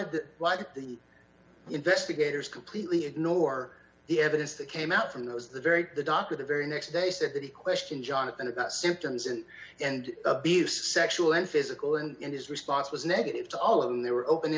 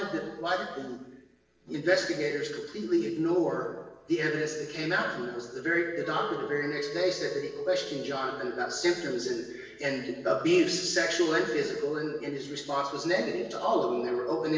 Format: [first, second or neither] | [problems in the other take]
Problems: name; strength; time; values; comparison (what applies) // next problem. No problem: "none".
first | noise reduction (neural separator model SepFormer DNS4)